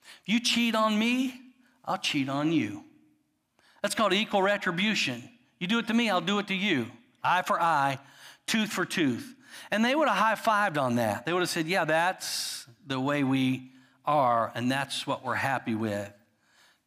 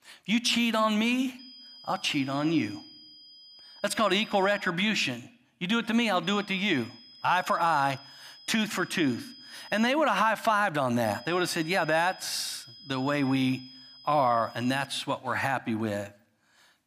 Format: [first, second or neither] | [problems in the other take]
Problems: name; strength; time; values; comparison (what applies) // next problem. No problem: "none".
first | high-pitched whine; faint; from 1.5 to 4.5 s, from 6 to 10 s and from 11 to 15 s; 5 kHz, 20 dB below the speech